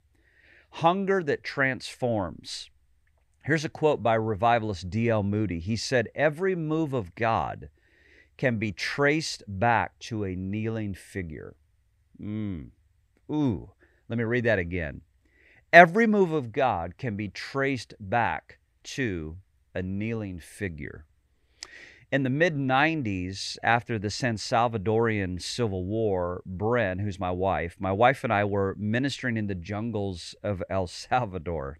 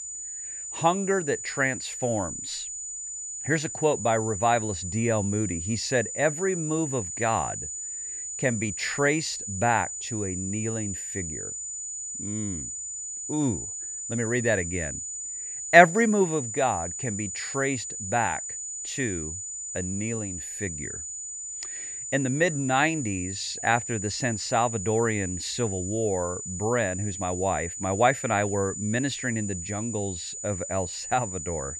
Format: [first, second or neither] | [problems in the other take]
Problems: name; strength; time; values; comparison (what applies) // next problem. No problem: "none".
first | high-pitched whine; loud; throughout; 7 kHz, 6 dB below the speech